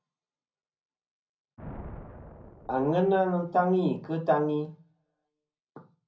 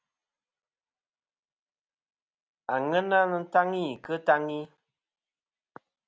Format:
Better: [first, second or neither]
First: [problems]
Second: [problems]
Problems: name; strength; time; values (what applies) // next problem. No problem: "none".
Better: second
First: background sound (Thunder); 19 dB below the speech // room echo; dies away in 0.4 s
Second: none